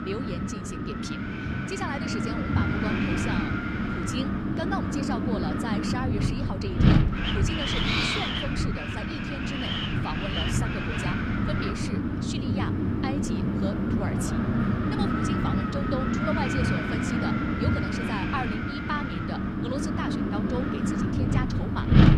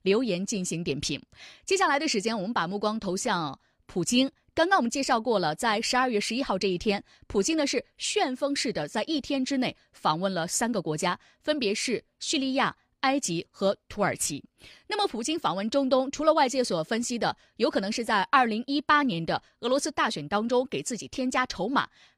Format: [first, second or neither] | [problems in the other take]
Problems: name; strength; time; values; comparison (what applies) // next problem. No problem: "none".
second | wind noise on the microphone; heavy; 5 dB above the speech